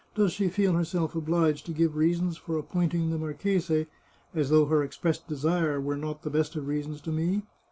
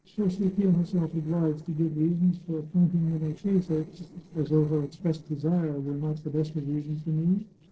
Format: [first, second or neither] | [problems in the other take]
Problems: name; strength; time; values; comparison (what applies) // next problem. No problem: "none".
first | noise reduction (neural separator model SepFormer DNS4)